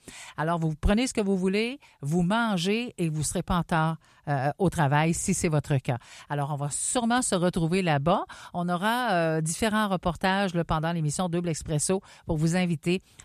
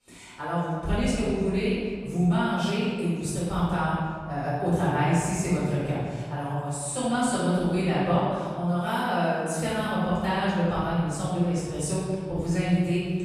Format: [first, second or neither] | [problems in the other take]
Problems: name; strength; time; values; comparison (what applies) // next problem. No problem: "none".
first | room echo; strong; dies away in 1.7 s // off-mic speech; far